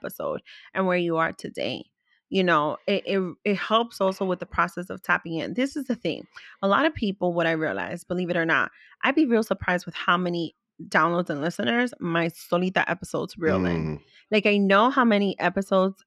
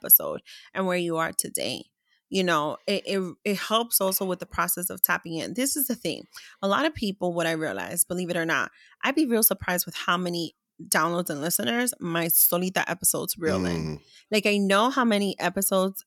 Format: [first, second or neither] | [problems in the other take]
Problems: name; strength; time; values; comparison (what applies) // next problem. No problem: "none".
second | muffled; slightly; fading above 2.5 kHz